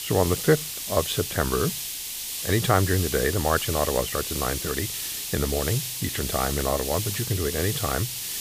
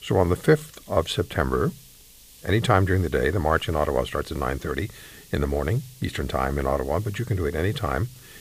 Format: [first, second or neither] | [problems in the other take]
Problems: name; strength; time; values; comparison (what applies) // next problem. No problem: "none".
second | hiss; loud; throughout; 3 dB below the speech; faint in the second